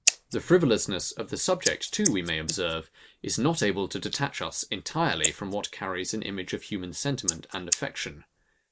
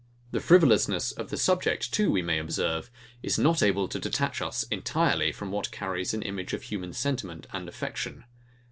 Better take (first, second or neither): second